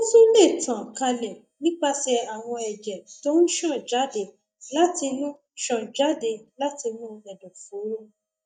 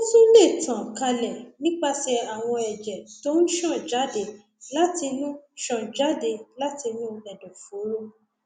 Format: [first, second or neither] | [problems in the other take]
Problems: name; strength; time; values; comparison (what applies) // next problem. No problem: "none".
second | noise reduction (neural mask model DeepFilterNet 3)